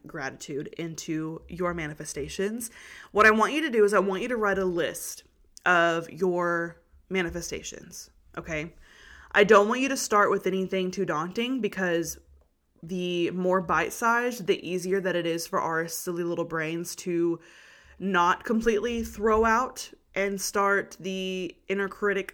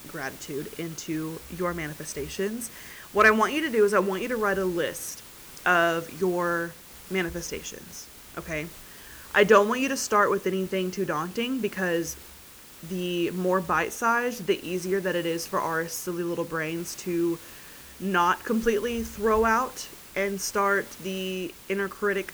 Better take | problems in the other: first | hiss; noticeable; throughout; 15 dB below the speech

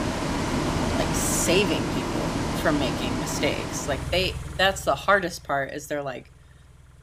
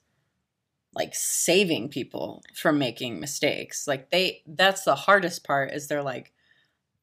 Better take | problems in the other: second | traffic noise; loud; throughout; 2 dB below the speech

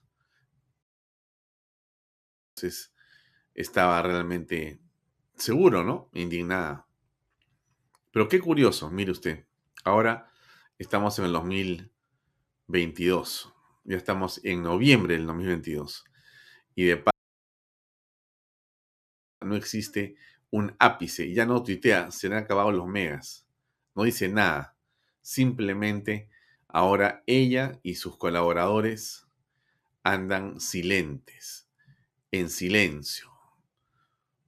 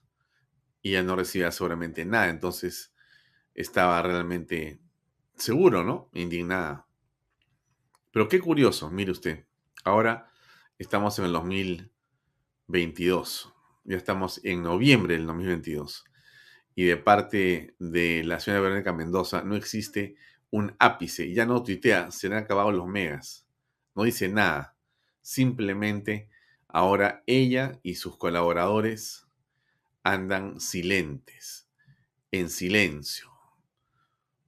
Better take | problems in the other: second | audio cutting out; at 1 s for 1.5 s and at 17 s for 2.5 s

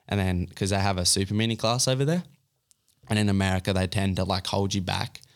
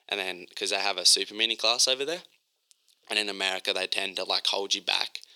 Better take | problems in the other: first | thin; very; fading below 350 Hz

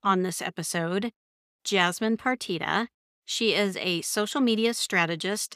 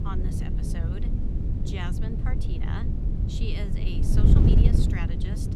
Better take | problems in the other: first | wind noise on the microphone; heavy; 3 dB above the speech

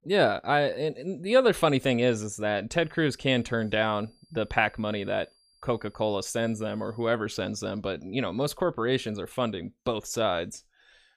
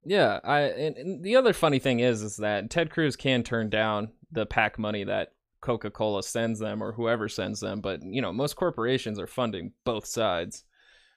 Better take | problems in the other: second | high-pitched whine; faint; from 3 to 7 s; 4.5 kHz, 35 dB below the speech

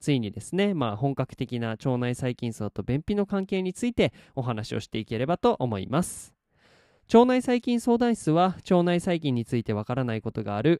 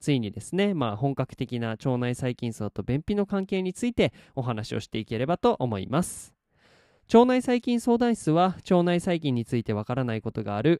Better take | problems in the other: neither | none

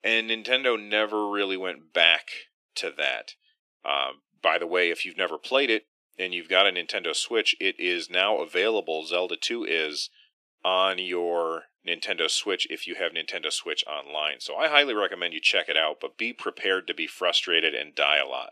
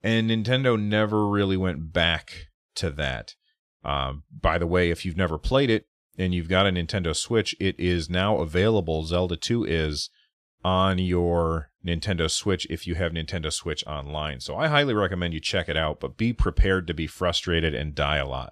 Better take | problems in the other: second | thin; very; fading below 300 Hz

